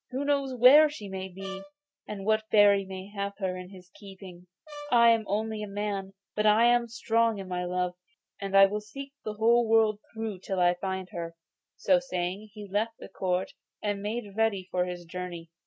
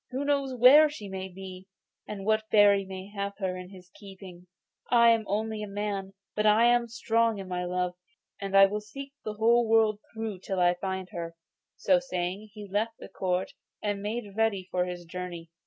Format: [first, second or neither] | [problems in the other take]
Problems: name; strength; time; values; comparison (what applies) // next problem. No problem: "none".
second | noise reduction (neural mask model RNNoise)